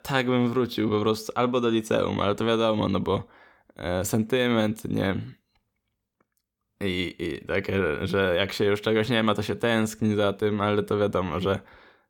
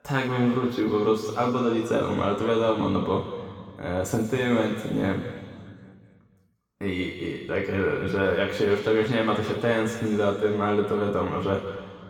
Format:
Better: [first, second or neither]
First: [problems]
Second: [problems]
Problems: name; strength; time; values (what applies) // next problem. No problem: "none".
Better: first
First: none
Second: room echo; noticeable; dies away in 2.1 s // off-mic speech; far